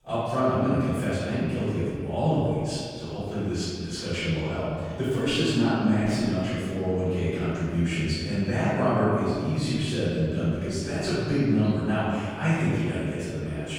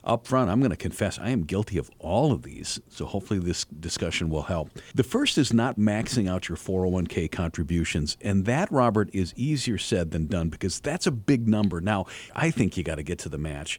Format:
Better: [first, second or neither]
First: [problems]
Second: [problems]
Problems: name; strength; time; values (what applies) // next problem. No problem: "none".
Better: second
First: off-mic speech; far // room echo; strong; dies away in 1.9 s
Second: none